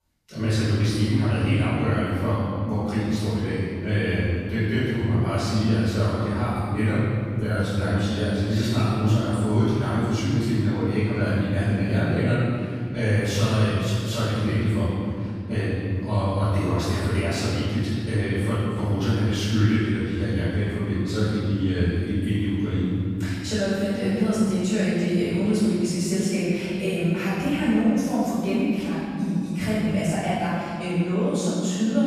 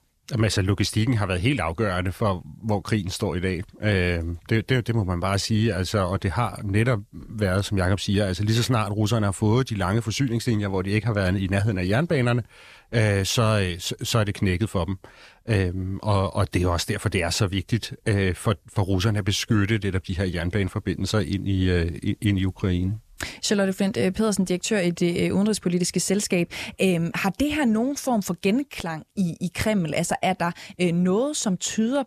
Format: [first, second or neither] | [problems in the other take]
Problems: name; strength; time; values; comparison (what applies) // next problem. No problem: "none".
second | room echo; strong; dies away in 2.8 s // off-mic speech; far